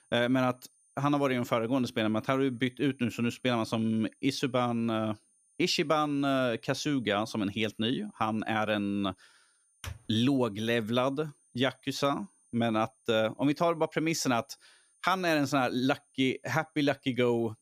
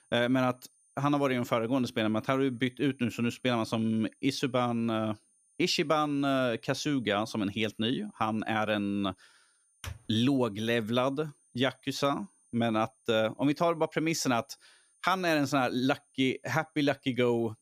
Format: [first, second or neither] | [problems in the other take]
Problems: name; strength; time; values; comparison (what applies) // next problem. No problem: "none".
neither | high-pitched whine; faint; throughout; 9 kHz, 35 dB below the speech; the same in both